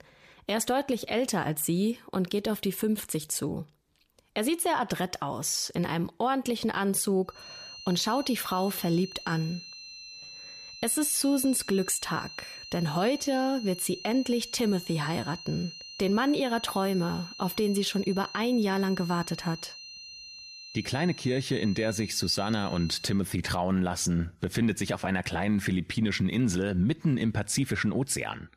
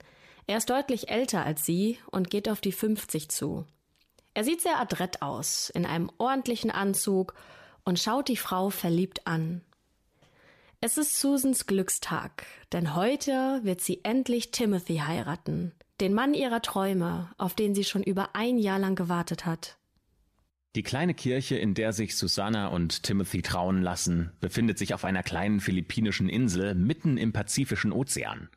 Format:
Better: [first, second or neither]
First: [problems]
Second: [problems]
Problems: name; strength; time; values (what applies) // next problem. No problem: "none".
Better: second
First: high-pitched whine; noticeable; from 7.5 to 23 s; 4 kHz, 15 dB below the speech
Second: none